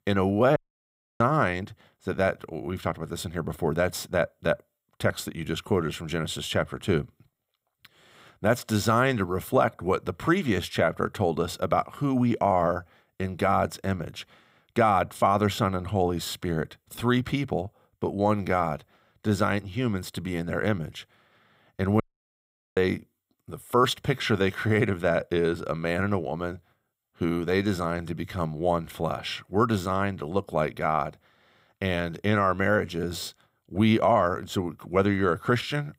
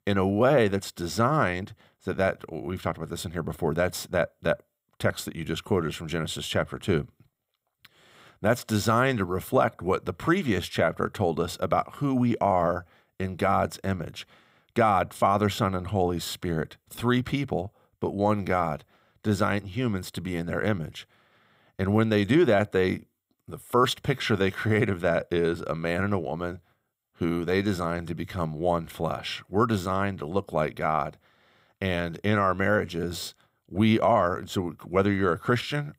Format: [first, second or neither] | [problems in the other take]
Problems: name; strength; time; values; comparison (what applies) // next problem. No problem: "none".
second | audio cutting out; at 0.5 s for 0.5 s and at 22 s for 1 s